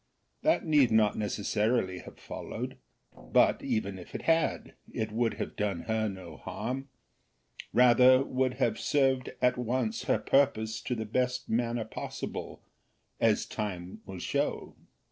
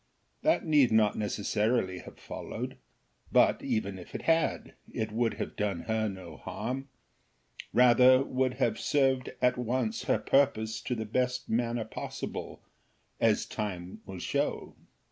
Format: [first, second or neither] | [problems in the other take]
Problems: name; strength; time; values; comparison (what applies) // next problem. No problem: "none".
second | noise reduction (neural separator model SepFormer DNS4)